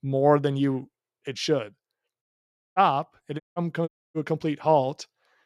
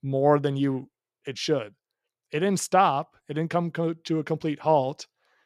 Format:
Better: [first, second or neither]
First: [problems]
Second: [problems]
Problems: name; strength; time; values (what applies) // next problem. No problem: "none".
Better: second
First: audio cutting out; at 2 s for 0.5 s, at 3.5 s and at 4 s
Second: none